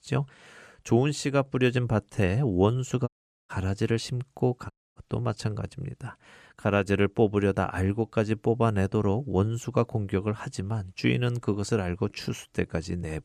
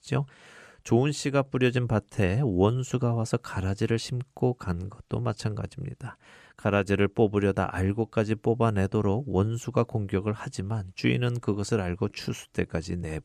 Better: second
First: audio cutting out; at 3 s and at 4.5 s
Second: none

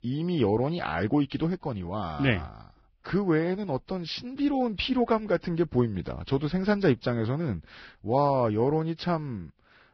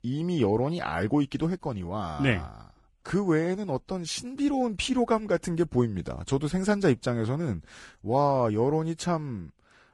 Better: second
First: garbled, watery; badly; nothing above 5.5 kHz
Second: garbled, watery; slightly; nothing above 10.5 kHz

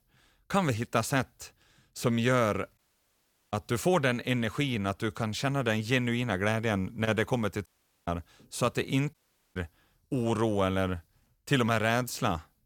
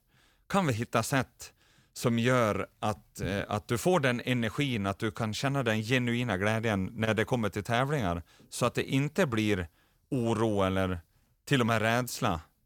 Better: second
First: audio cutting out; at 3 s for 0.5 s, at 7.5 s and at 9 s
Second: none

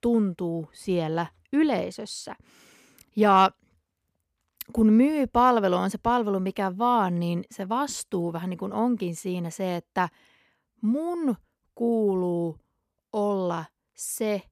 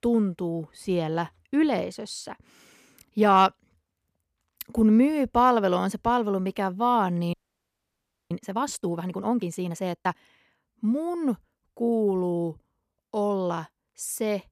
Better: first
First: none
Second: audio freezing; at 7.5 s for 1 s

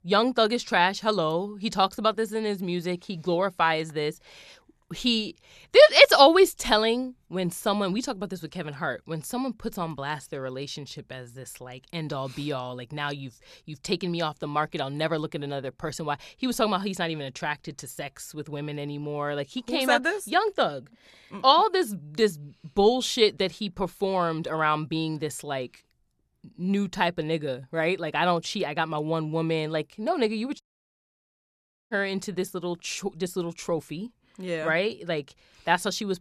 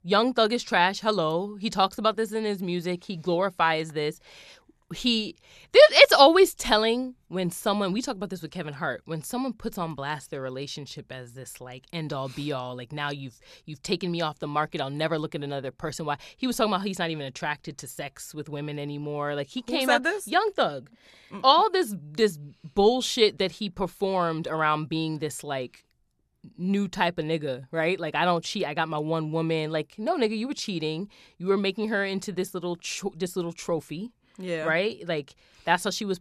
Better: second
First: audio cutting out; at 31 s for 1.5 s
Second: none

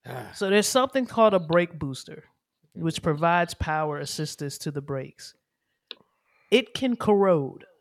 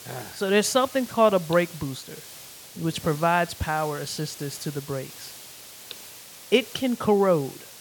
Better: first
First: none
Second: hiss; noticeable; throughout; 15 dB below the speech

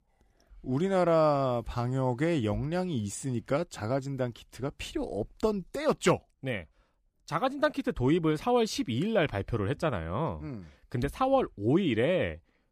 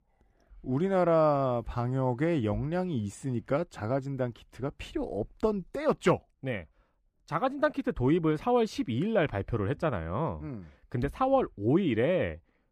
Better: first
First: none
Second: muffled; slightly; fading above 3 kHz

